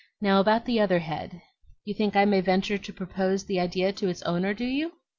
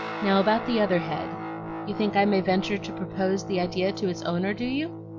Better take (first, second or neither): first